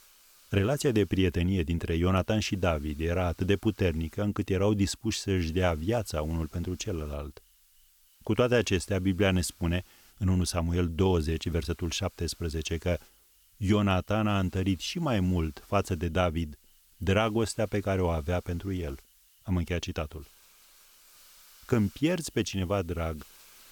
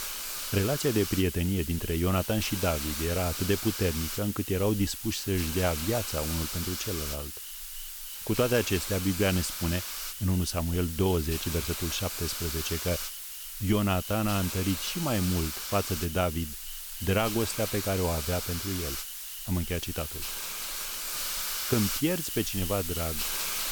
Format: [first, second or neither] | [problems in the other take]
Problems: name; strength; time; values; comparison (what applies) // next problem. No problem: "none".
first | hiss; loud; throughout; 4 dB below the speech; faint in the first